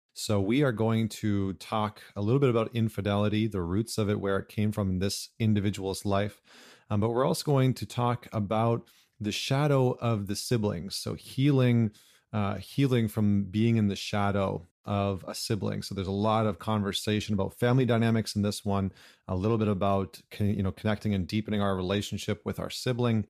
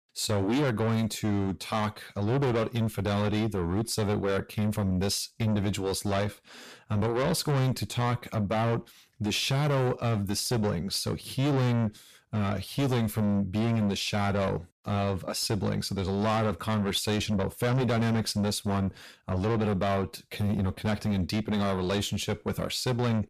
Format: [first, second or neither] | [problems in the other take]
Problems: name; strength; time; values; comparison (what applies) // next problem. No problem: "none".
first | distortion; heavy; 6 dB below the speech